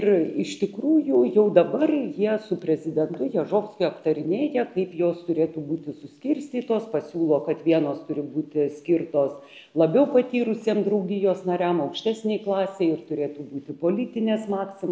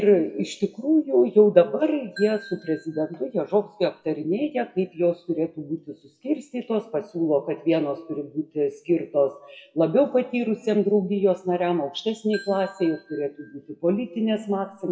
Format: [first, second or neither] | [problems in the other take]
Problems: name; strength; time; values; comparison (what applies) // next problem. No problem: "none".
first | noise reduction (classical method WPE with log-MMSE)